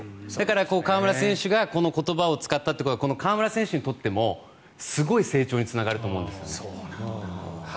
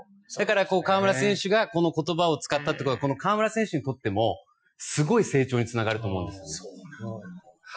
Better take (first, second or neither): first